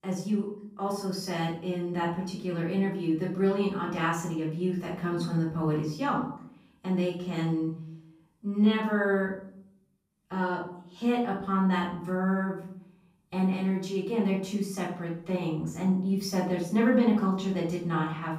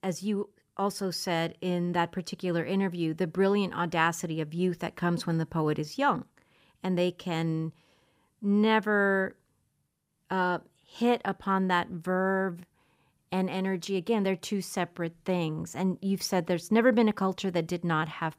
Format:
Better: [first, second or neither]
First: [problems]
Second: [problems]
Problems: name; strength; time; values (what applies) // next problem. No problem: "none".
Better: second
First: off-mic speech; far // room echo; noticeable; dies away in 0.5 s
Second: none